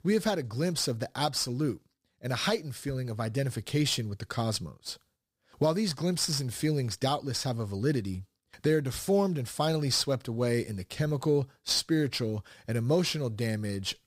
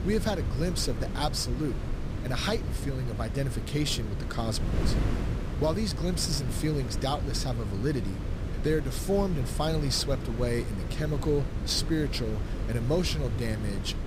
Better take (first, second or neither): first